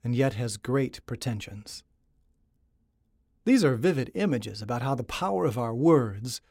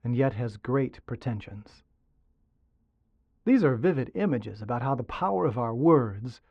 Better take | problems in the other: first | muffled; very; fading above 2 kHz

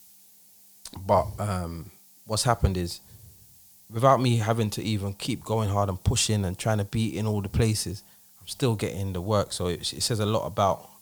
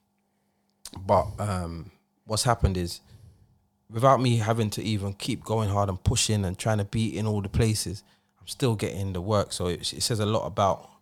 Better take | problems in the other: second | hiss; faint; throughout; 25 dB below the speech

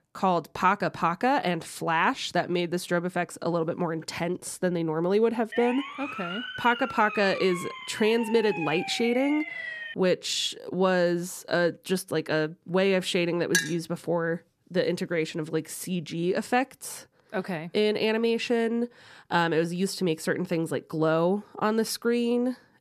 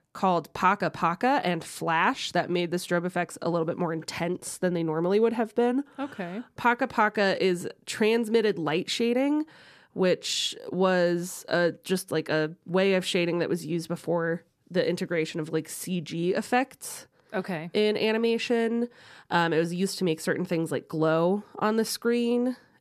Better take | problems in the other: second | siren; noticeable; from 5.5 to 10 s; peak 6 dB below the speech // clattering dishes; loud; at 14 s; peak level with the speech

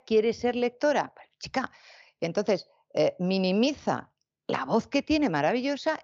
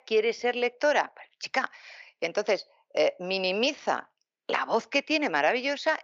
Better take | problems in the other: first | thin; somewhat; fading below 400 Hz

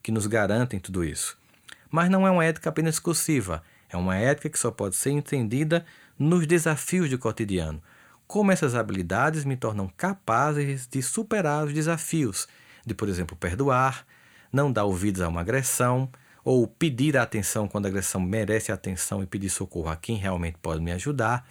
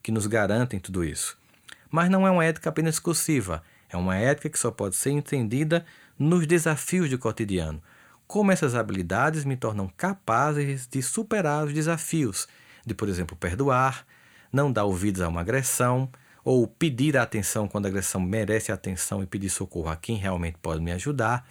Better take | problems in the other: neither | none

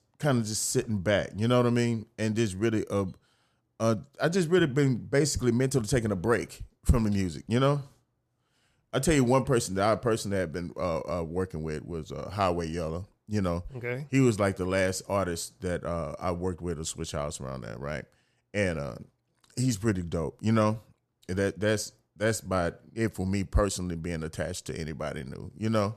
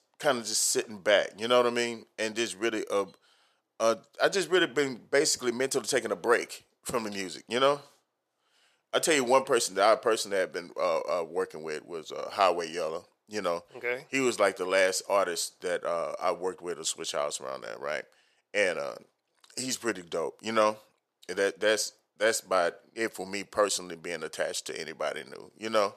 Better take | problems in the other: first | thin; very; fading below 550 Hz

